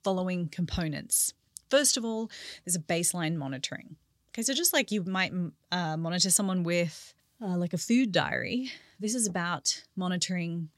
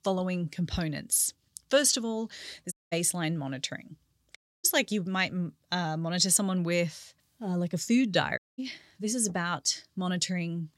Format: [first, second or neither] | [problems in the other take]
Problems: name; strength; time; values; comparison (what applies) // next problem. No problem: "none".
first | audio cutting out; at 2.5 s, at 4.5 s and at 8.5 s